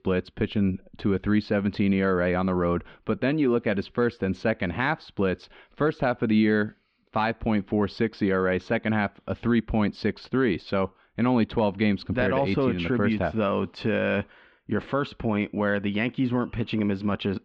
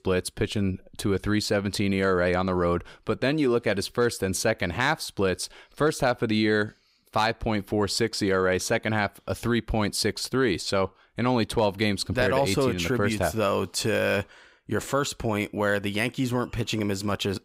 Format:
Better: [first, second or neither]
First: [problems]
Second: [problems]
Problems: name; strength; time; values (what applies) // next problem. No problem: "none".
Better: second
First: muffled; slightly; fading above 3 kHz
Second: none